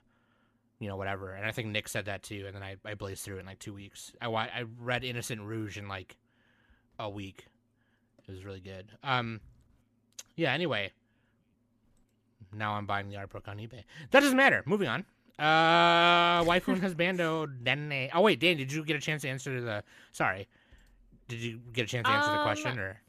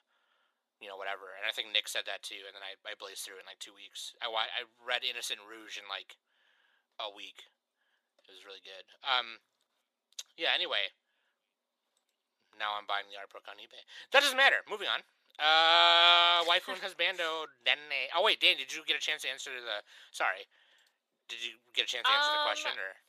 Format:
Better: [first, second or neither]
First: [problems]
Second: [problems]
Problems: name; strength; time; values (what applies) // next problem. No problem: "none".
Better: first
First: none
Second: thin; very; fading below 550 Hz